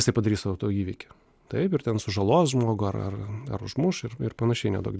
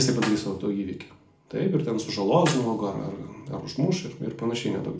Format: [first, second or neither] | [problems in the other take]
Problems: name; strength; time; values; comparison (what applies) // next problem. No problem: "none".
first | background sound (Snare drum); 14 dB below the speech // room echo; dies away in 0.4 s